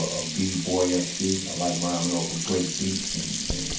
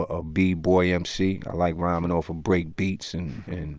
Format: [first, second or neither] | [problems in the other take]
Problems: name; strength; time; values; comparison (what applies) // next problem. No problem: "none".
second | background sound (Sink (filling or washing)); 3 dB below the speech // room echo; dies away in 0.6 s